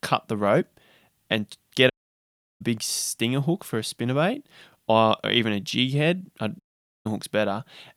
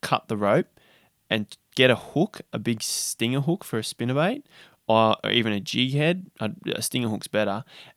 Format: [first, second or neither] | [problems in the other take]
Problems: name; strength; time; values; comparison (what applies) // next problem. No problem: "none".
second | audio cutting out; at 2 s for 0.5 s and at 6.5 s